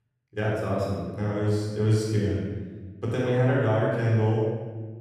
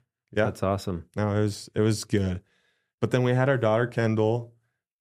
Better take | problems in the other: second | off-mic speech; far // room echo; strong; dies away in 1.4 s

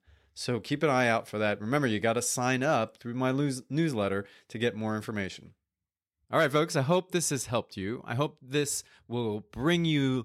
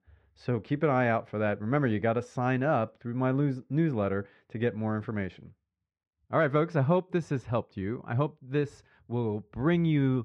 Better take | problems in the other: first | muffled; very; fading above 2 kHz

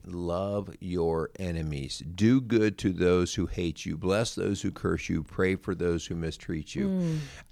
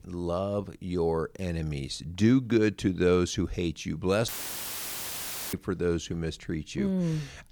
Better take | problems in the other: first | audio cutting out; filled with static; at 4.5 s for 1.5 s

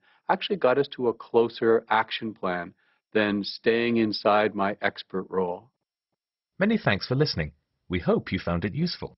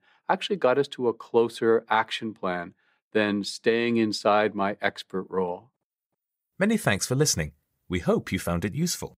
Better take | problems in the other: second | garbled, watery; badly; nothing above 5.5 kHz

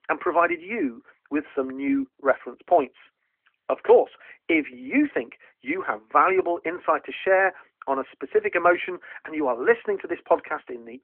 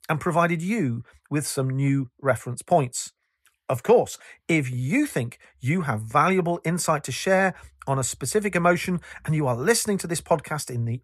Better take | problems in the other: second | phone-call audio

